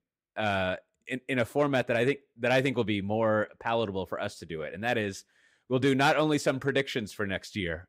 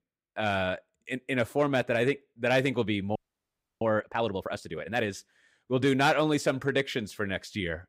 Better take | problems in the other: first | audio freezing; at 3 s for 0.5 s

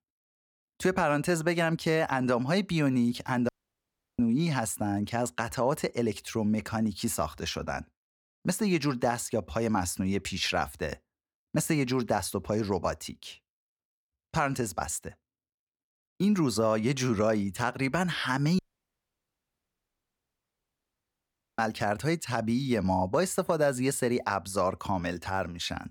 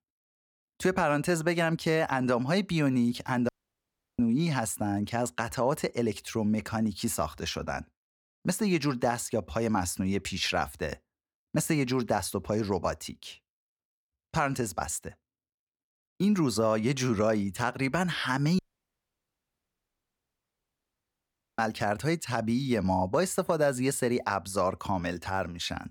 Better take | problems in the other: neither | audio cutting out; at 3.5 s for 0.5 s and at 19 s for 3 s; the same in both

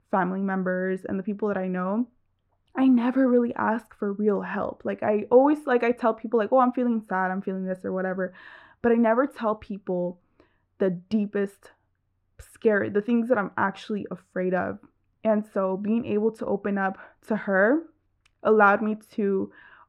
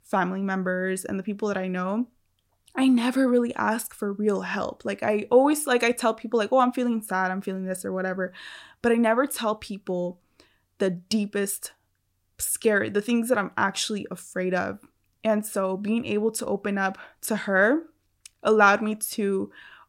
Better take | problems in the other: second | muffled; very; fading above 3.5 kHz

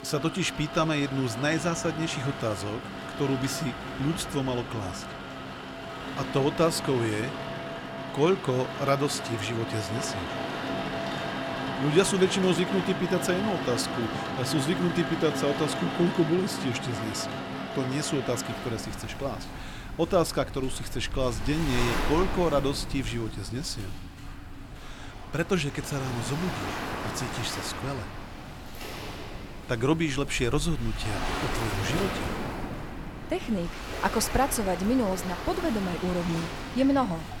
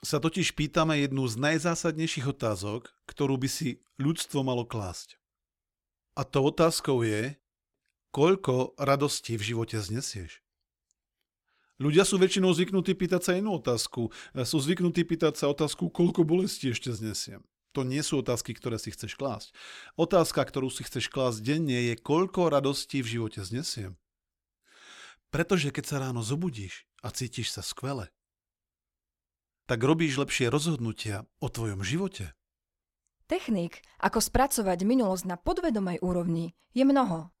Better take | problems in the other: second | rain or running water; loud; throughout; 6 dB below the speech

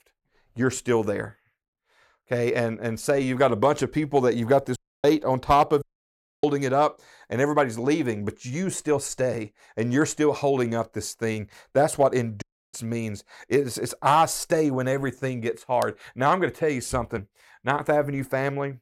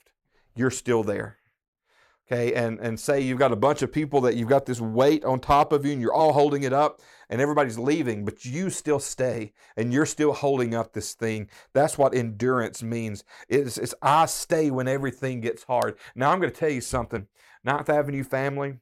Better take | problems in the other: second | audio cutting out; at 5 s, at 6 s for 0.5 s and at 12 s

